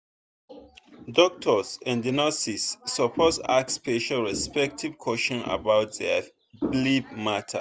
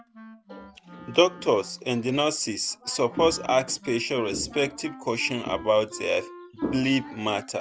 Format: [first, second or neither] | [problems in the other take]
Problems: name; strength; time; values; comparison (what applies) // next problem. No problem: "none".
first | background sound (Wind instrument, woodwind instrument); 19 dB below the speech